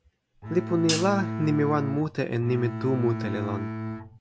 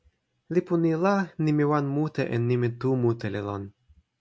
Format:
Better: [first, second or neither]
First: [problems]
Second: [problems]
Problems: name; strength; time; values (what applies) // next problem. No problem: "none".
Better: second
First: background sound (Bowed string instrument + Hi-hat); 5 dB below the speech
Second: none